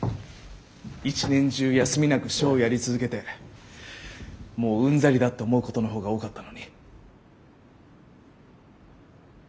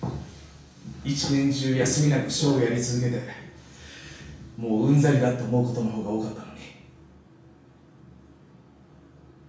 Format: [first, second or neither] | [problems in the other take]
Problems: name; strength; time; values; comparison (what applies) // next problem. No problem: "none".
first | room echo; dies away in 0.6 s